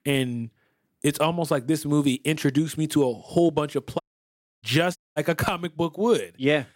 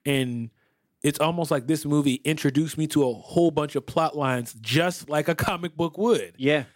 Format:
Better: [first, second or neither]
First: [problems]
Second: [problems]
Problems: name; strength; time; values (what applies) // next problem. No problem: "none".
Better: second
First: audio cutting out; at 4 s for 0.5 s and at 5 s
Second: none